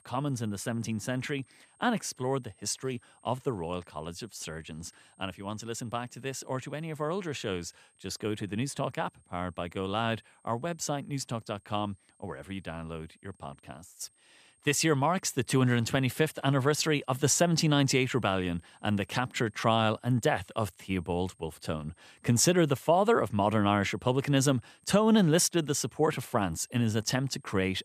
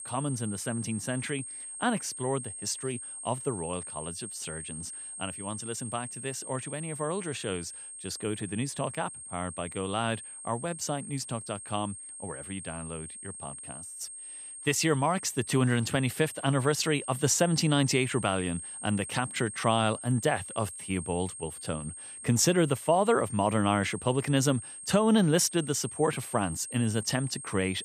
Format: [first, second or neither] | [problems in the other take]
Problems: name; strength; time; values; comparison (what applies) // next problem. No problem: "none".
first | high-pitched whine; loud; throughout; 8.5 kHz, 10 dB below the speech; faint in the first